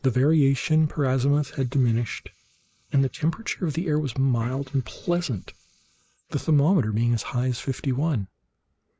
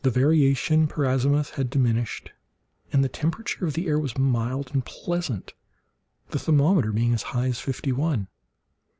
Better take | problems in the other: second | noise reduction (neural mask model Resemble Enhance denoiser)

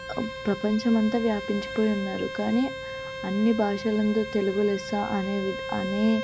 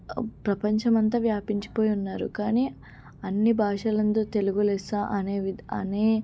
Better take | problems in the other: second | background sound (Bowed string instrument); 9 dB below the speech

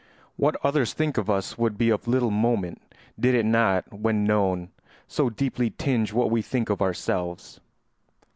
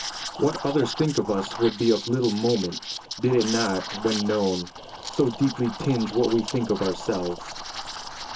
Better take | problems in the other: first | background sound (Liquid); 10 dB below the speech // room echo; dies away in 0.2 s

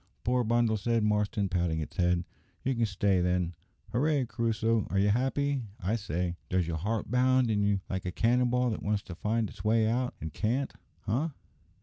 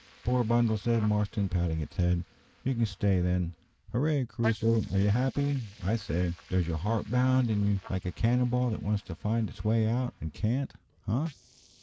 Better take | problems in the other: first | noise reduction (neural mask model Resemble Enhance denoiser)

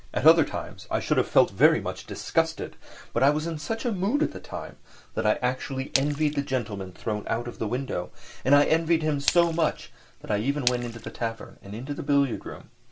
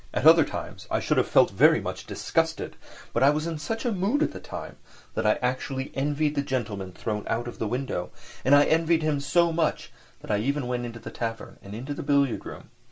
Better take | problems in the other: second | background sound (Splash, splatter); 10 dB below the speech

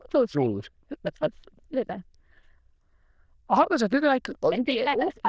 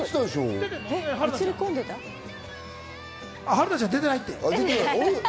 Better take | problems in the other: second | noise reduction (neural diffusion model UNIVERSE++)

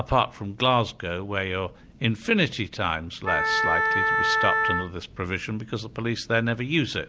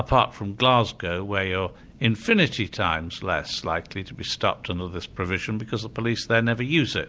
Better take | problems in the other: second | background sound (Wind instrument, woodwind instrument); 2 dB above the speech

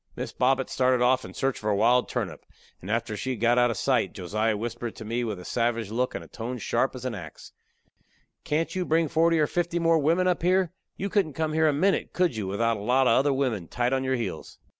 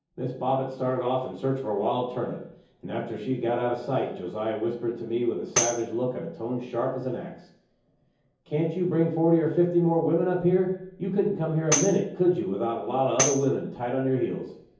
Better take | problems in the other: first | background sound (Tambourine); 6 dB below the speech // room echo; dies away in 0.7 s

